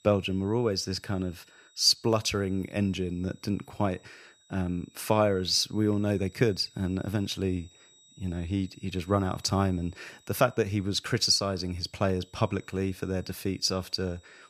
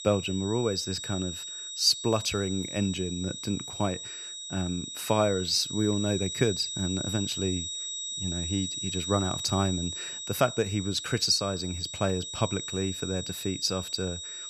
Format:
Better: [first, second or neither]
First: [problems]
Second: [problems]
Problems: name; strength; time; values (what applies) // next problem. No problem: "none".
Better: first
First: high-pitched whine; faint; throughout; 4 kHz, 30 dB below the speech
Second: high-pitched whine; loud; throughout; 4 kHz, 5 dB below the speech